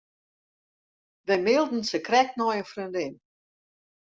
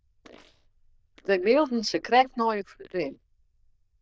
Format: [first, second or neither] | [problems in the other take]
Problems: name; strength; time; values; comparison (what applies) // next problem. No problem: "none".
first | noise reduction (neural diffusion model UNIVERSE++)